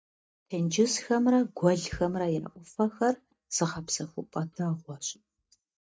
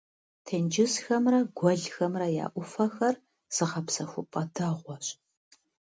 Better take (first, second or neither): second